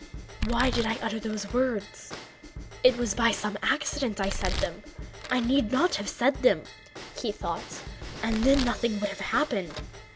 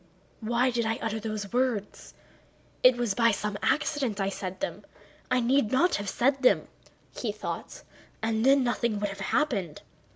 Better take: second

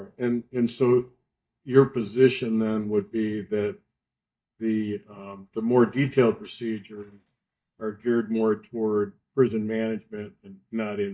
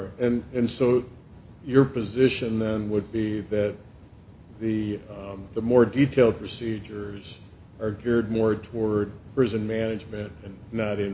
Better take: second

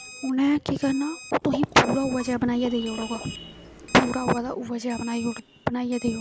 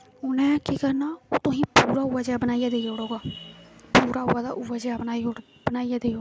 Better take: second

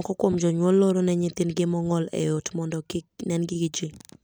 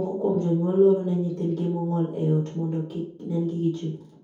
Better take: first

